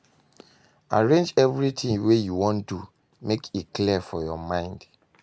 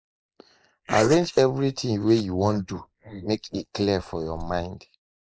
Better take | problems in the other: first | noise reduction (neural mask model Resemble Enhance denoiser)

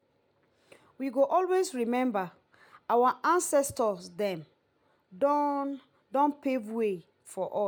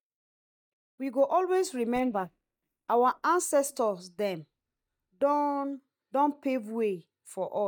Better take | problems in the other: first | noise reduction (neural mask model DeepFilterNet 3)

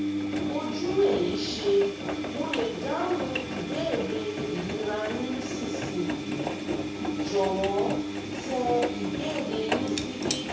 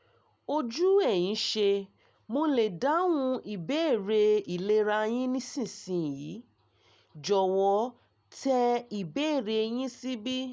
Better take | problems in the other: second | background sound (Engine); 1 dB below the speech // room echo; dies away in 0.6 s

